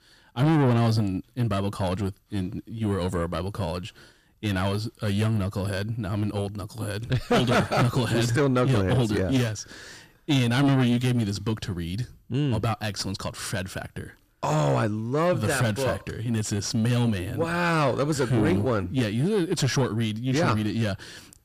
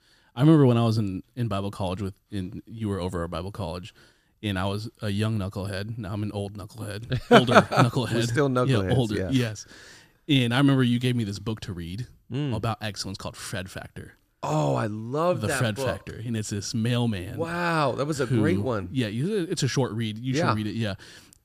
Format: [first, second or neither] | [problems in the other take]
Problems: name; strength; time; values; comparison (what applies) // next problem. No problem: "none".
second | distortion; heavy; 7 dB below the speech